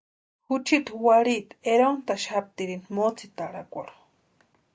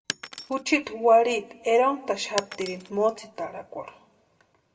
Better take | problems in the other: first | background sound (Shatter); 15 dB below the speech // room echo; dies away in 0.7 s

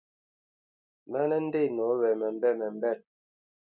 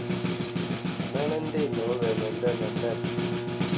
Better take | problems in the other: first | background sound (Snare drum + Bowed string instrument); 2 dB above the speech

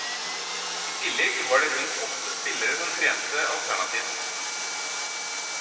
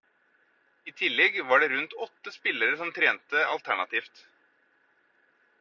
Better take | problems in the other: second | background sound (Sawing); 1 dB below the speech // room echo; dies away in 2.4 s

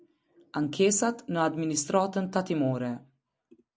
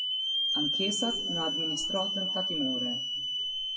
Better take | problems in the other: first | noise reduction (classical method WPE with log-MMSE)

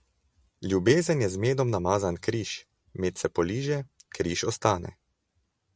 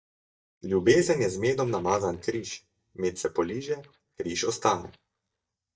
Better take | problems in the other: first | noise reduction (neural mask model DeepFilterNet 3)

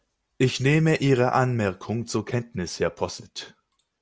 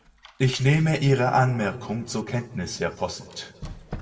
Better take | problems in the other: first | background sound (Squeak); 20 dB below the speech // room echo; dies away in 1.3 s

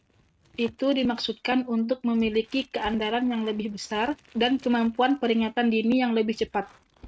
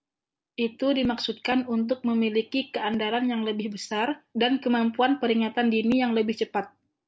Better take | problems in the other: second | noise reduction (neural mask model RNNoise)

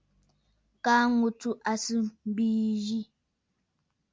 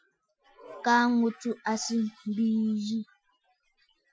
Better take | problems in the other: first | noise reduction (classical method Wiener filter)

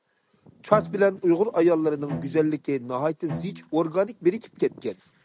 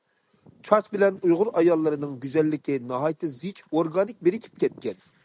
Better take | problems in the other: second | background sound (Bowed string instrument); 13 dB below the speech

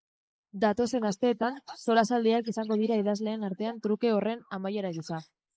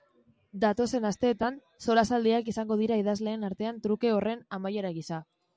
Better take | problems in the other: second | noise reduction (neural mask model Resemble Enhance denoiser)

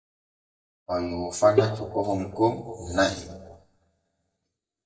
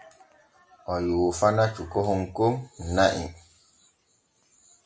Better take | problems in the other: second | noise reduction (neural mask model DeepFilterNet 3)

